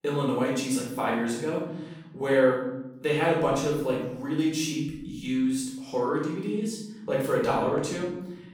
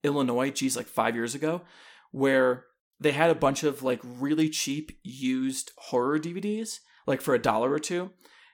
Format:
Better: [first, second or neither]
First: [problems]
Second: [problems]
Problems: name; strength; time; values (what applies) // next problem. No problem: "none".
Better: second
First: off-mic speech; far // room echo; noticeable; dies away in 1.3 s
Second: none